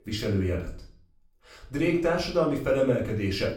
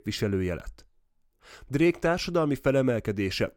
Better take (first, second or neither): second